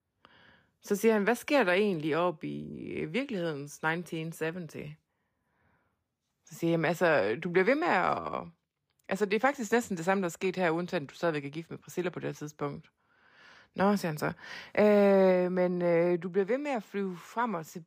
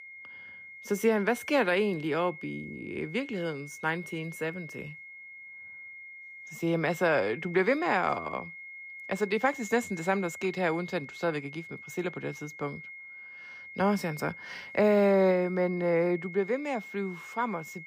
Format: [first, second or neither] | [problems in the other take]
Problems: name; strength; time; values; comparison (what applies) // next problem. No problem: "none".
first | high-pitched whine; noticeable; throughout; 2 kHz, 15 dB below the speech